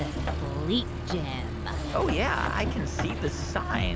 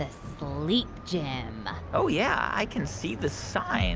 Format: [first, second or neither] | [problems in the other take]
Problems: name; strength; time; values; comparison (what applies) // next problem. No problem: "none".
second | background sound (Accelerating, revving, vroom); 1 dB below the speech